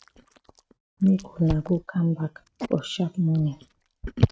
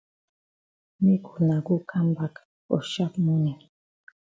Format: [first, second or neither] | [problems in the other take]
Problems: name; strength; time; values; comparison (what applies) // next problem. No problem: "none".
second | noise reduction (neural mask model RNNoise)